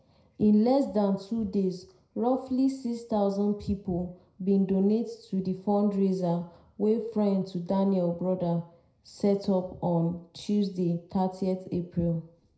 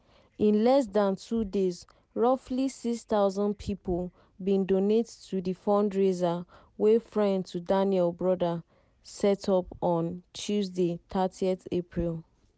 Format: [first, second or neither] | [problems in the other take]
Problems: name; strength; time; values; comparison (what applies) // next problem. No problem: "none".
second | room echo; dies away in 0.4 s